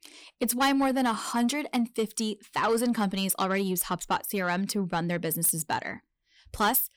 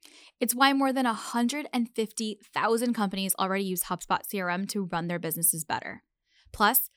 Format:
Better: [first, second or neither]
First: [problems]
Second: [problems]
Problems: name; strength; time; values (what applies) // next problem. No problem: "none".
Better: second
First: distortion; slight; 10 dB below the speech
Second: none